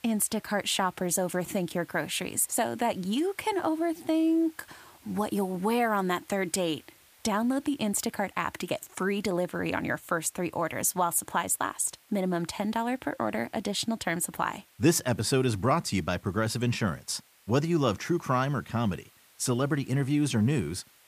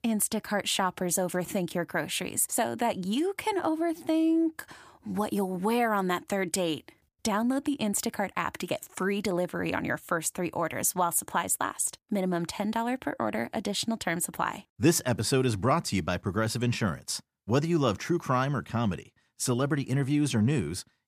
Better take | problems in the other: second | hiss; faint; throughout; 30 dB below the speech

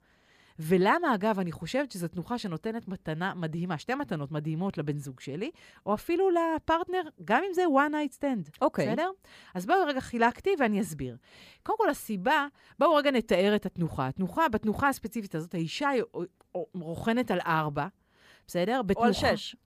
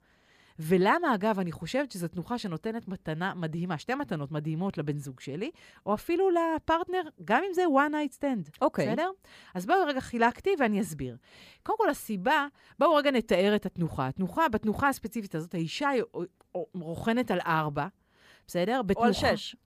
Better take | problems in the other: neither | none

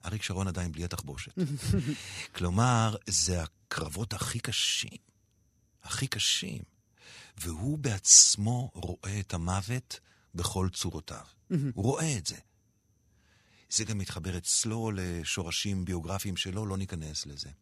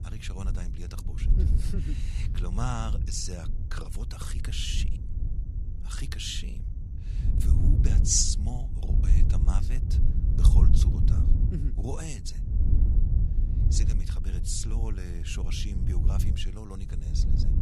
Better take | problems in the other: first | wind noise on the microphone; heavy; 9 dB below the speech

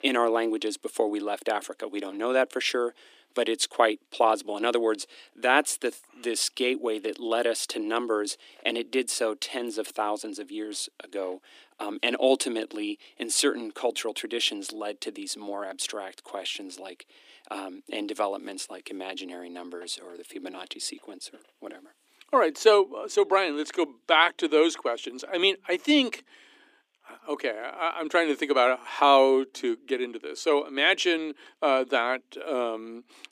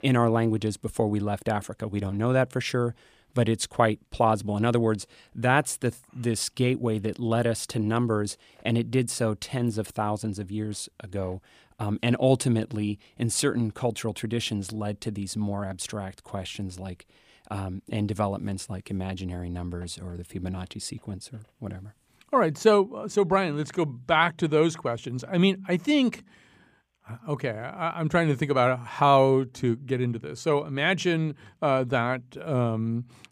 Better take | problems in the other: second | thin; somewhat; fading below 300 Hz

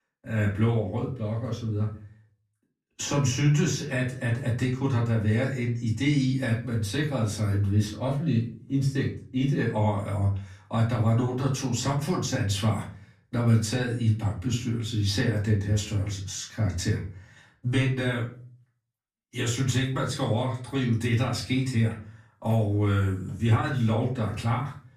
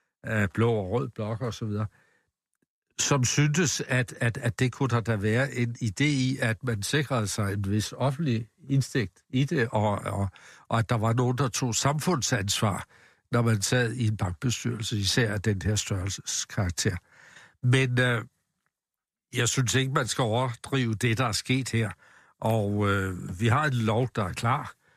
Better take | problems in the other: second | off-mic speech; far // room echo; slight; dies away in 0.4 s

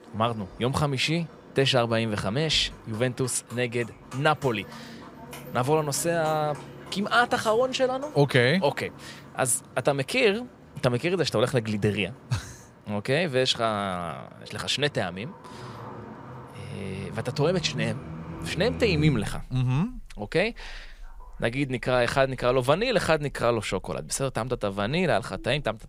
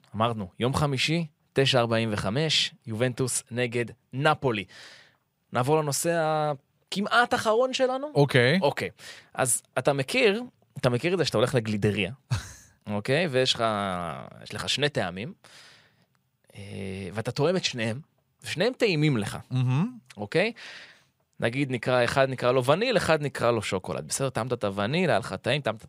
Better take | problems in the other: second | animal sounds; noticeable; throughout; 15 dB below the speech

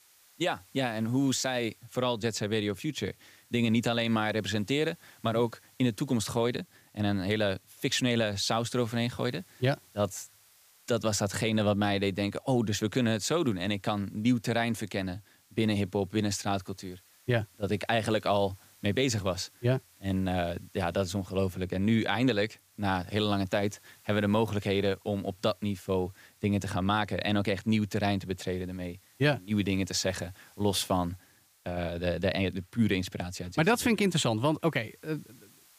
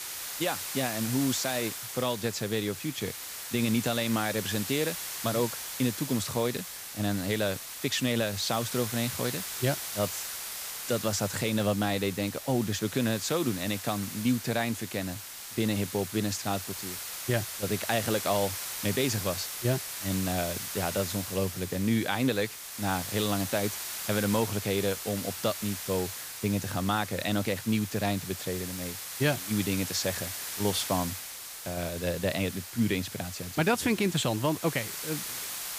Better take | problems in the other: first | hiss; loud; throughout; 5 dB below the speech; faint in the first

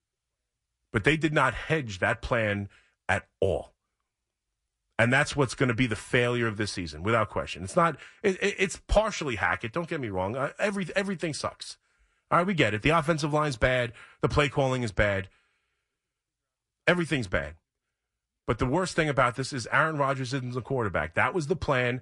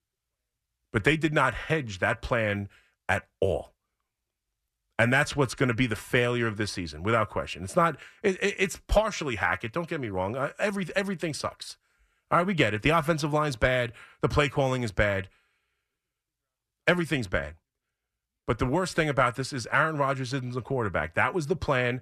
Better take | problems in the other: second | garbled, watery; slightly; nothing above 9 kHz

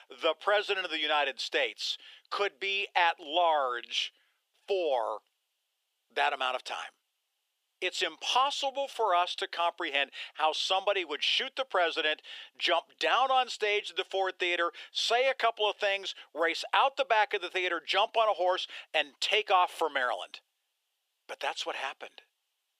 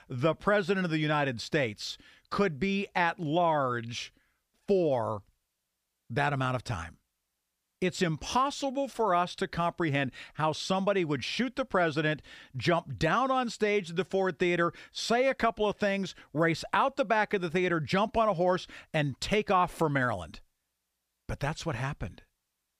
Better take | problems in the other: second | thin; very; fading below 400 Hz

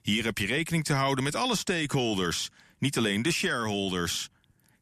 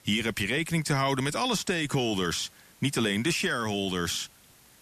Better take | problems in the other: first | hiss; faint; throughout; 30 dB below the speech

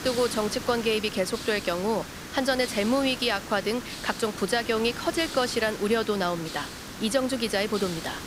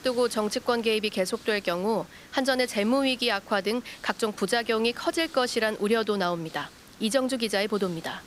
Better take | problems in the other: second | hiss; loud; throughout; 10 dB below the speech; faint in the second

